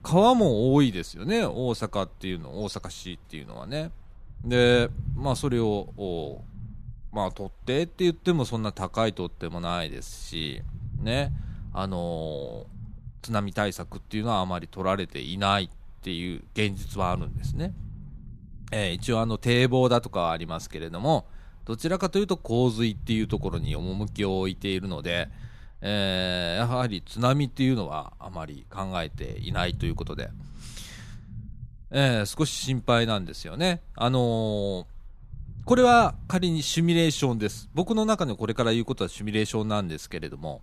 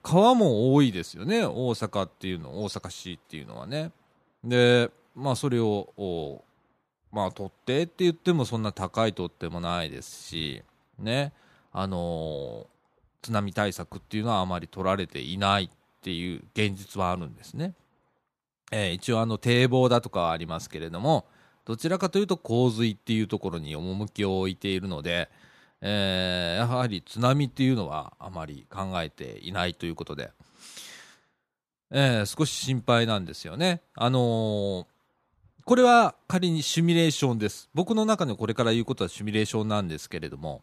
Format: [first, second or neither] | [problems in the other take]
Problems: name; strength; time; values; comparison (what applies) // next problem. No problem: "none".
second | low rumble; faint; throughout; 25 dB below the speech